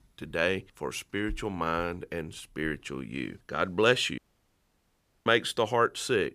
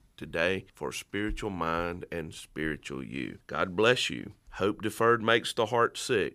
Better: second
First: audio cutting out; at 4 s for 1 s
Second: none

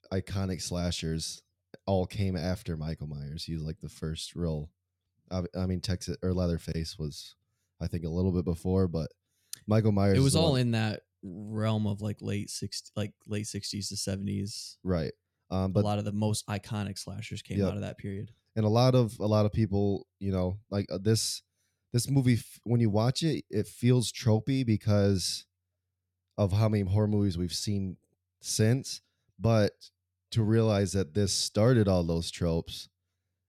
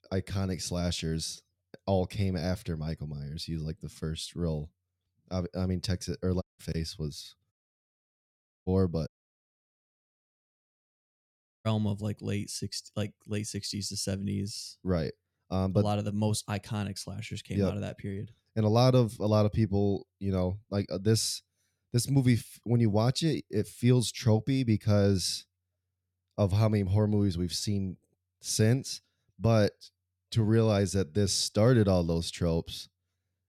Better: first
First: none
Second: audio cutting out; at 6.5 s, at 7.5 s for 1 s and at 9 s for 2.5 s

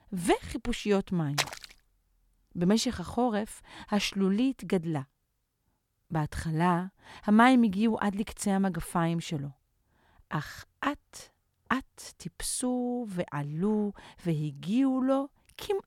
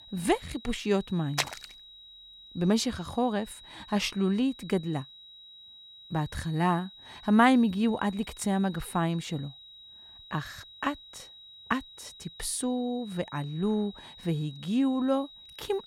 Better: first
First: none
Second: high-pitched whine; noticeable; throughout; 4 kHz, 20 dB below the speech

